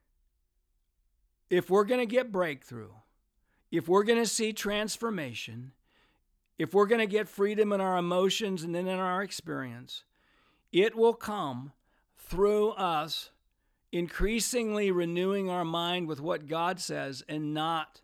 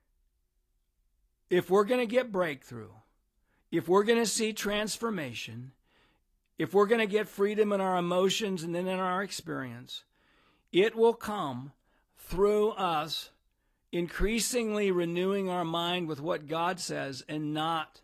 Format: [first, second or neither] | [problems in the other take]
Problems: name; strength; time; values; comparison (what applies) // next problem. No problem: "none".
first | garbled, watery; slightly